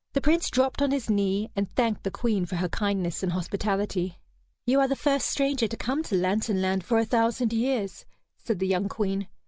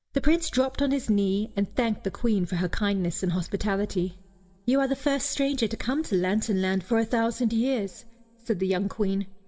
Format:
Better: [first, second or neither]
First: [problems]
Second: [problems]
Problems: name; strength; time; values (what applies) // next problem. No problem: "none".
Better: first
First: none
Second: room echo; dies away in 0.6 s